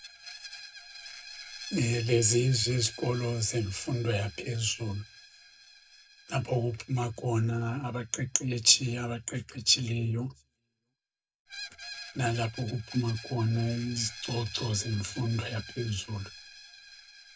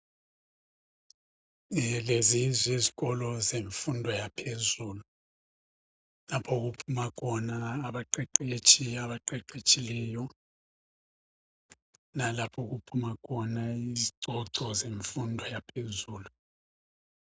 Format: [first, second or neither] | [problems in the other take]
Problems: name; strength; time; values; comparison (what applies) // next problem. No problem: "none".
second | background sound (Screech); 16 dB below the speech // room echo; dies away in 0.2 s